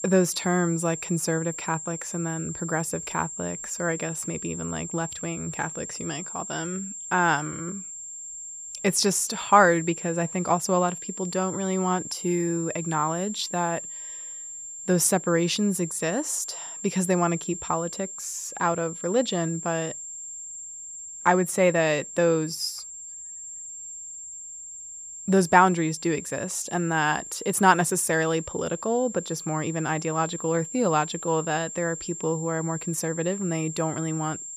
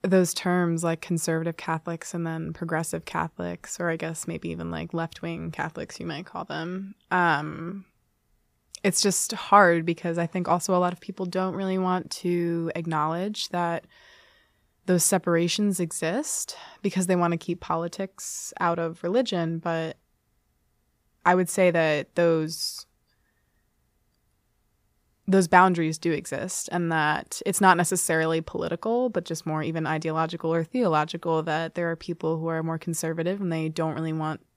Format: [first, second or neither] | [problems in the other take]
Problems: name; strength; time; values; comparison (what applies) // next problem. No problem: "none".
second | high-pitched whine; loud; throughout; 7.5 kHz, 9 dB below the speech